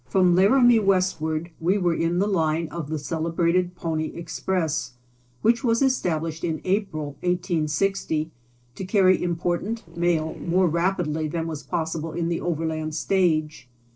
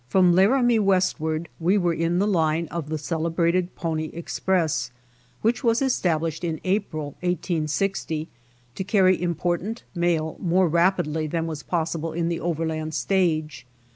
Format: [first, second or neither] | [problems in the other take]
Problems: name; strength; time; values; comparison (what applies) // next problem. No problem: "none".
second | noise reduction (neural separator model SepFormer DNS4)